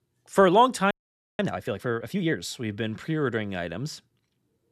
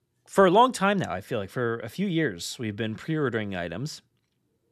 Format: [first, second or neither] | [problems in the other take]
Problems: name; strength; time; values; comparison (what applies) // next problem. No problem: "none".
second | audio freezing; at 1 s